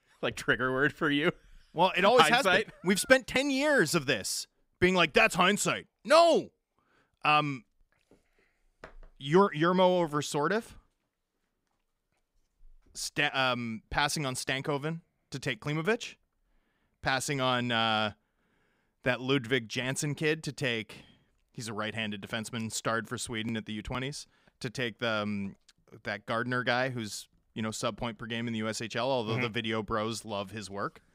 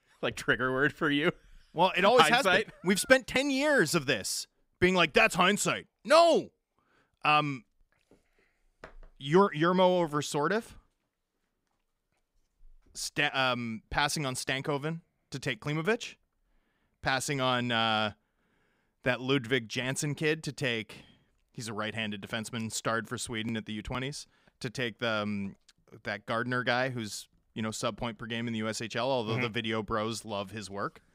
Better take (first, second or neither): neither